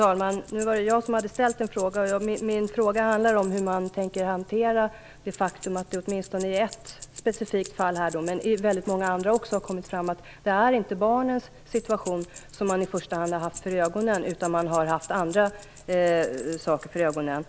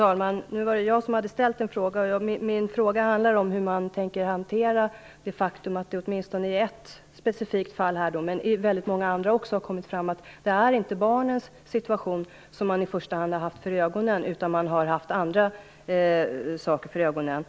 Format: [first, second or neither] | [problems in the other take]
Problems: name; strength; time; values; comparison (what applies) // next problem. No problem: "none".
second | background sound (Keys jangling); 19 dB below the speech